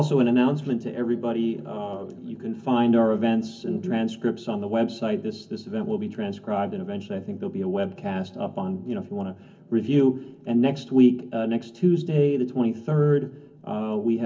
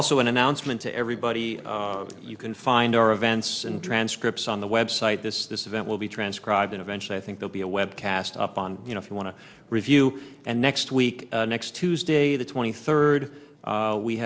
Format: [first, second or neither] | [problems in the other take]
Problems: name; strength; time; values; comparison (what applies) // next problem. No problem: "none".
second | room echo; dies away in 0.3 s